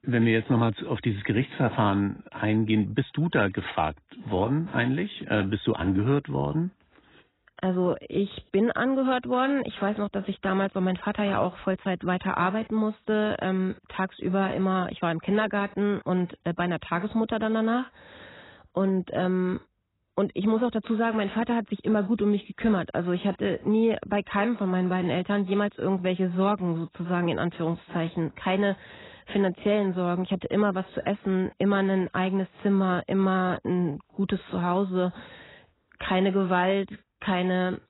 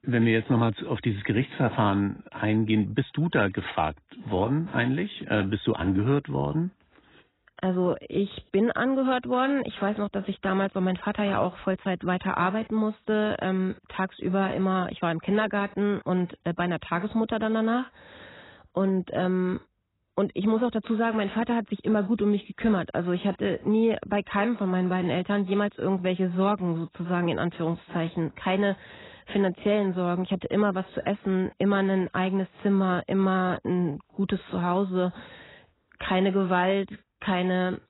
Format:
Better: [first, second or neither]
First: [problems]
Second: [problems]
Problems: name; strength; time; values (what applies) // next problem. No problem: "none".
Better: neither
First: garbled, watery; badly; nothing above 4 kHz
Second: garbled, watery; badly; nothing above 4 kHz